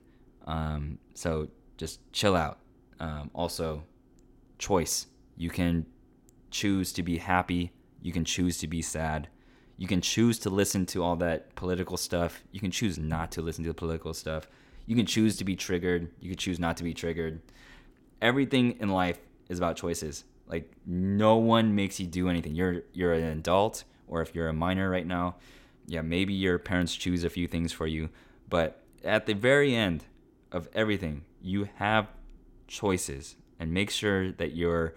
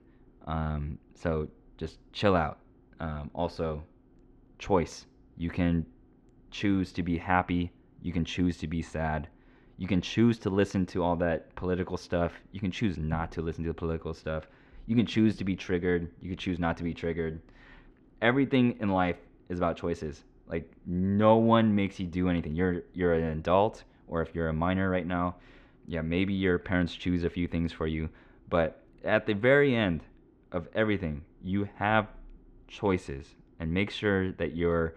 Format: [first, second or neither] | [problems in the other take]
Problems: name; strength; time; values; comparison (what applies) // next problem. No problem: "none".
first | muffled; slightly; fading above 2.5 kHz